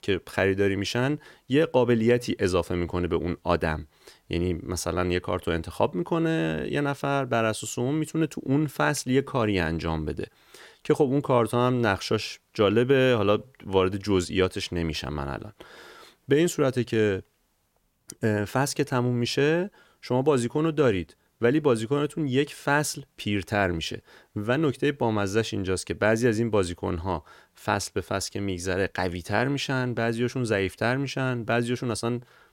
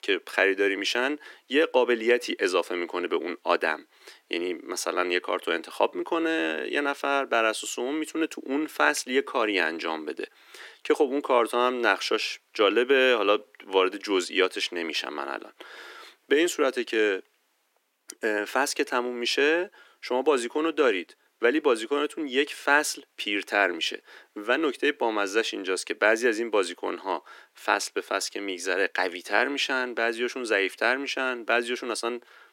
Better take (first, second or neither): first